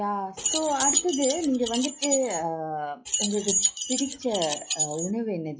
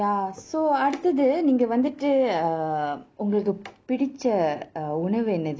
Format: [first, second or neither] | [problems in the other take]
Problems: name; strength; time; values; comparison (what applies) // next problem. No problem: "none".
second | noise reduction (classical method log-MMSE)